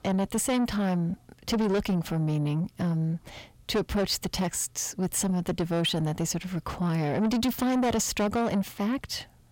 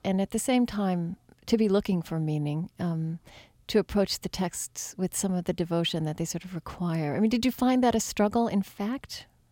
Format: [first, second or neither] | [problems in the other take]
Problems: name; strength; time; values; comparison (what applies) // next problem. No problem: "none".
second | distortion; heavy; 7 dB below the speech